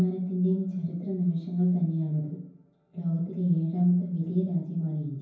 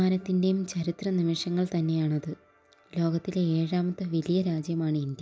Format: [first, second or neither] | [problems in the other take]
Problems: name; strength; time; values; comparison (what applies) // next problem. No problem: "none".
second | room echo; dies away in 0.9 s